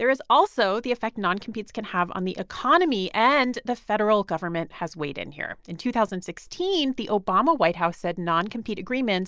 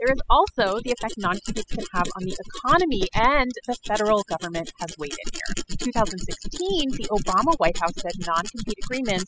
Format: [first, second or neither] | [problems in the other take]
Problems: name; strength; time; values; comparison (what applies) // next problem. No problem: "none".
first | noise reduction (classical method spectral subtraction)